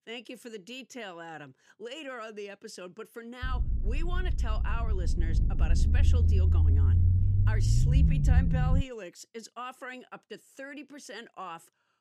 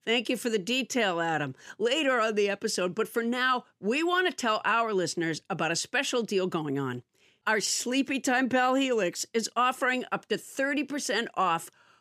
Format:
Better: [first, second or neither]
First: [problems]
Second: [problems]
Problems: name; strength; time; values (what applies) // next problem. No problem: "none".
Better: second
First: low rumble; loud; from 3.5 to 9 s; 1 dB below the speech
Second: none